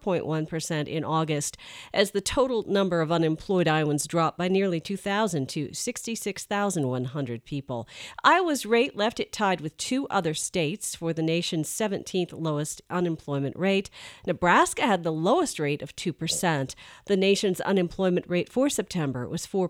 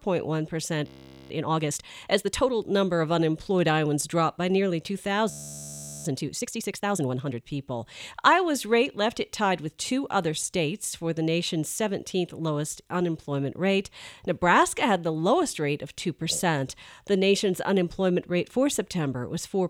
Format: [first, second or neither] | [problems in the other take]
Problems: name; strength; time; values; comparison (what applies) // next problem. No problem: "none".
first | audio freezing; at 1 s and at 5.5 s for 0.5 s